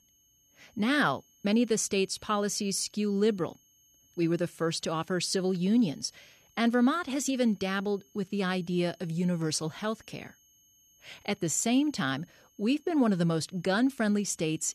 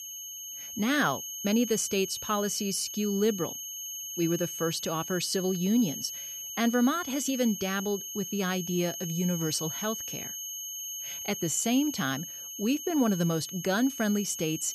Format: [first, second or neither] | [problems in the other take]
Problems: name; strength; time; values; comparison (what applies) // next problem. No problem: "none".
first | high-pitched whine; loud; throughout; 6.5 kHz, 6 dB below the speech; faint in the first